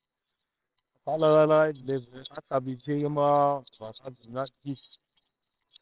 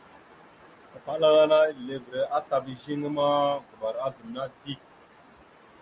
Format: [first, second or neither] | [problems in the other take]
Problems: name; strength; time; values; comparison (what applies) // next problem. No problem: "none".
second | noise reduction (neural separator model SepFormer WHAMR!)